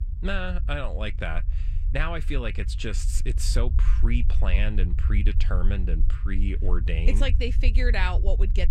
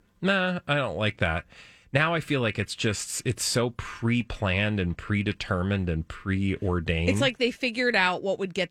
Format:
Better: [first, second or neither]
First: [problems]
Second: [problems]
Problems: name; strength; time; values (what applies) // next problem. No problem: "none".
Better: second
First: low rumble; noticeable; throughout; 15 dB below the speech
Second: none